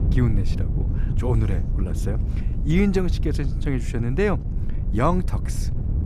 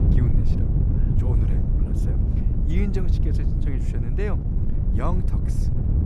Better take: first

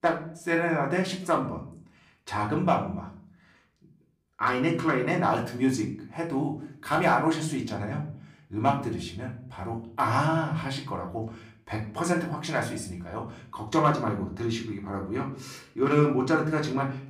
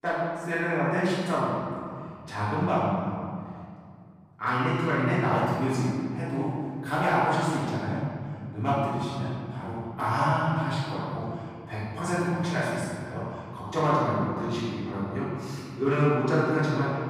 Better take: first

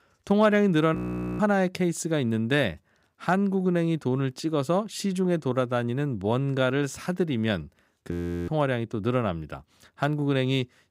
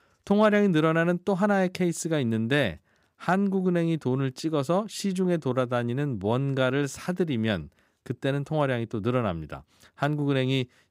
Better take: second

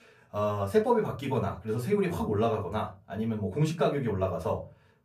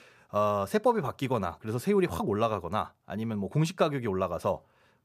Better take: second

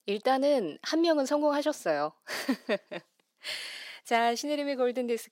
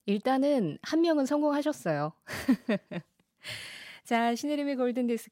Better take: second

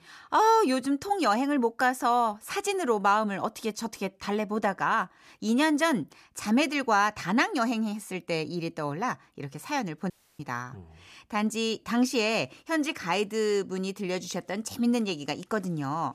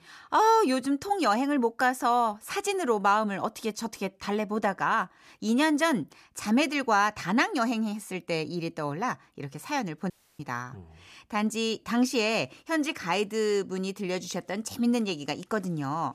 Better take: neither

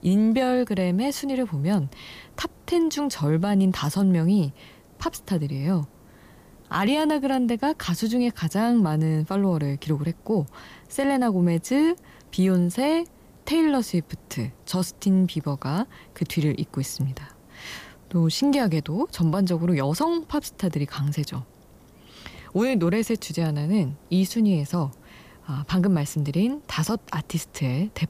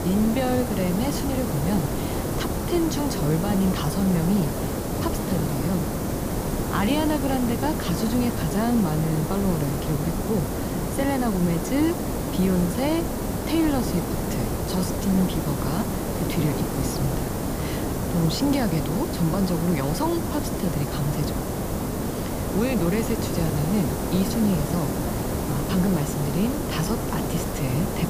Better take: first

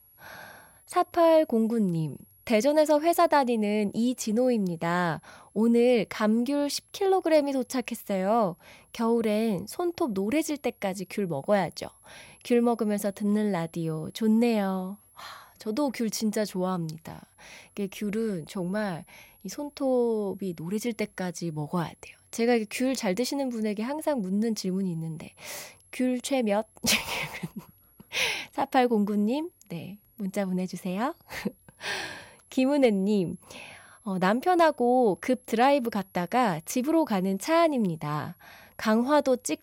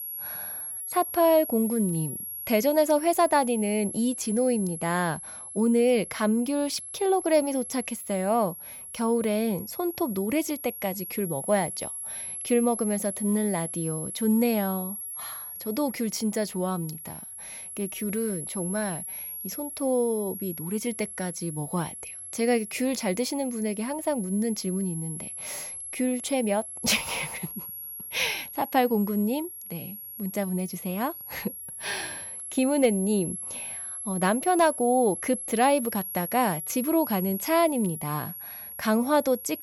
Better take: first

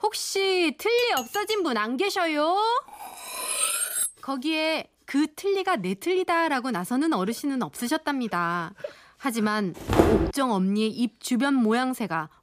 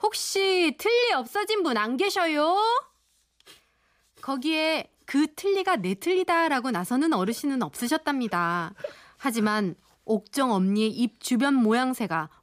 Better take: second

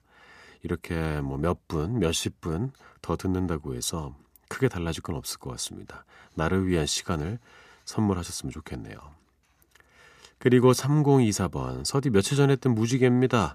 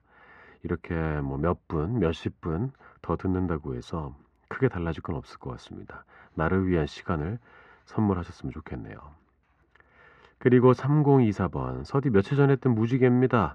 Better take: first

